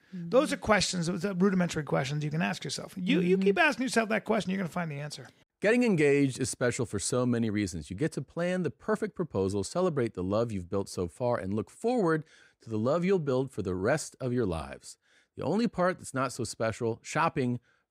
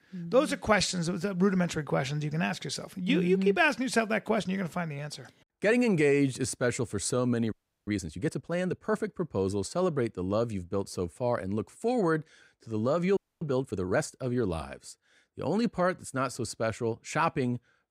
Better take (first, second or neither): first